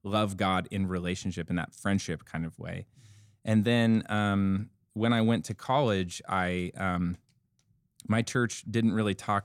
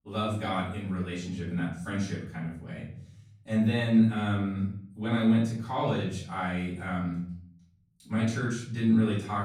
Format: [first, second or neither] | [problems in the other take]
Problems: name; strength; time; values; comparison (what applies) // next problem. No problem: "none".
first | off-mic speech; far // room echo; noticeable; dies away in 0.6 s